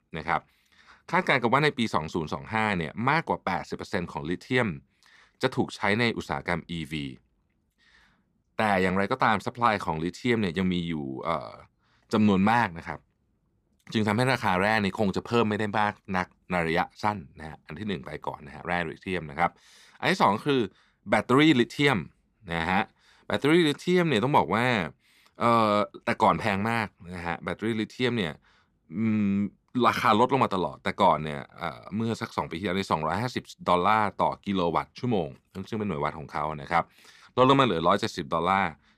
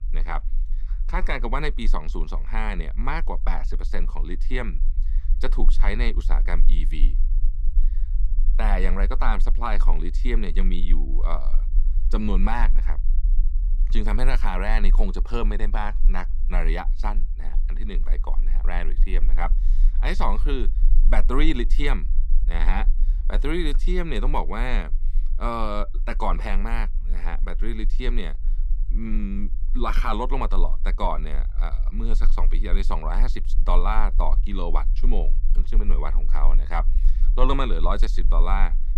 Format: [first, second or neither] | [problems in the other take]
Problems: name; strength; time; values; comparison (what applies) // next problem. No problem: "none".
first | low rumble; faint; throughout; 20 dB below the speech